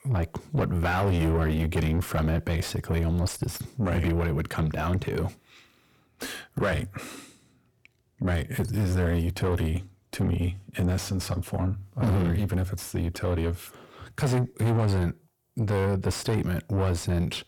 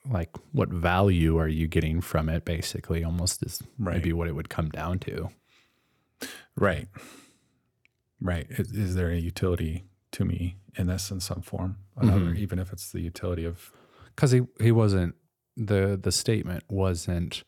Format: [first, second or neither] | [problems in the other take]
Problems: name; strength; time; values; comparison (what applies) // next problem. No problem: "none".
second | distortion; heavy; 6 dB below the speech